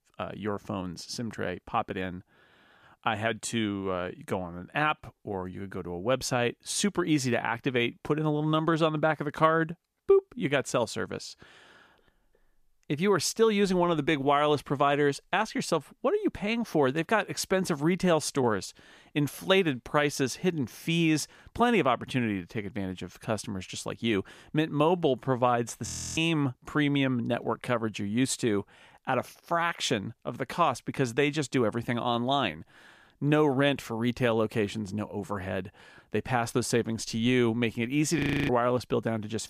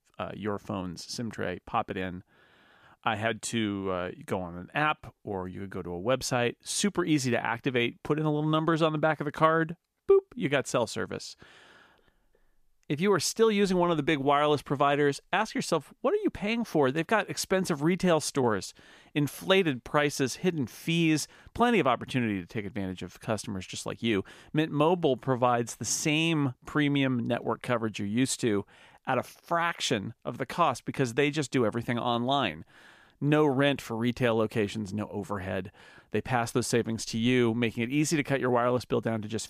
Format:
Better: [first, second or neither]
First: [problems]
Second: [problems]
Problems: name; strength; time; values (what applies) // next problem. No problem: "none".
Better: second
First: audio freezing; at 26 s and at 38 s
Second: none